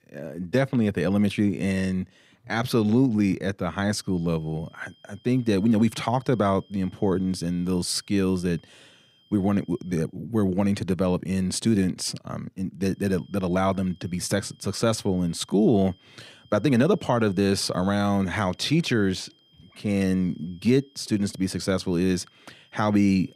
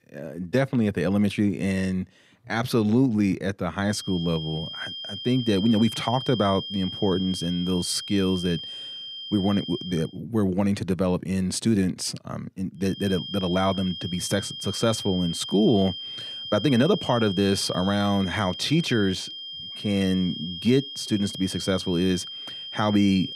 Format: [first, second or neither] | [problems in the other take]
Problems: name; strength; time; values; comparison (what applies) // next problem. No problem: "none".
first | high-pitched whine; loud; from 4 to 10 s and from 13 s on; 3 kHz, 9 dB below the speech; faint in the first